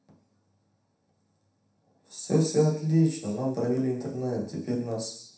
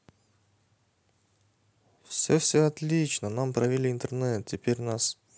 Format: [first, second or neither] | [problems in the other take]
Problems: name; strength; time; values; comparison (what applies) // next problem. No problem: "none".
second | room echo; dies away in 0.7 s